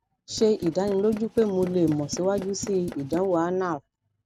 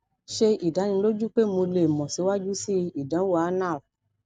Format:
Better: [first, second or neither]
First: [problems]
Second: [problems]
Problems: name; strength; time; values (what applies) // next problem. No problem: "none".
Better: second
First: background sound (Tools); 14 dB below the speech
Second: none